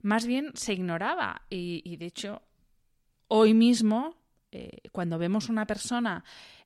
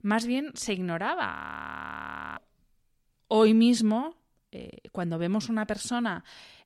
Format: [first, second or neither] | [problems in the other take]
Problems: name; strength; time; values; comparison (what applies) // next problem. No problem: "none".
first | audio freezing; at 1.5 s for 1 s